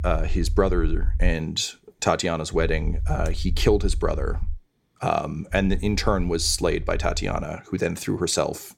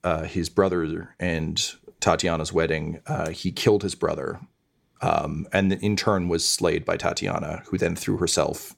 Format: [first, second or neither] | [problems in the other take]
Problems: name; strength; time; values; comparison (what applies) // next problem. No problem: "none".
second | low rumble; faint; until 1.5 s, from 2.5 to 4.5 s and from 5.5 to 7.5 s; 25 dB below the speech